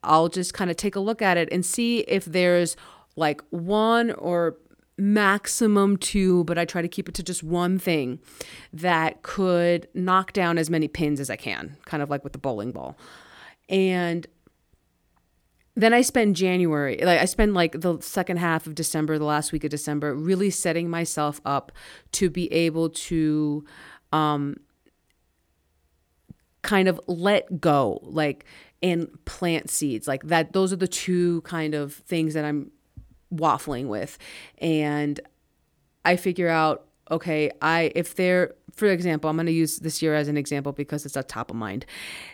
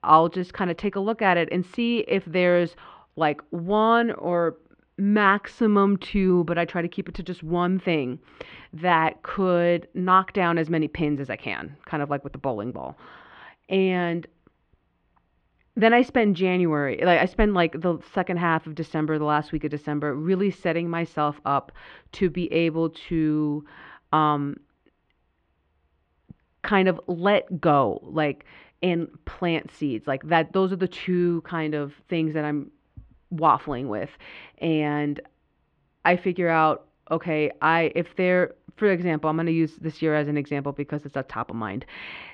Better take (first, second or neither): first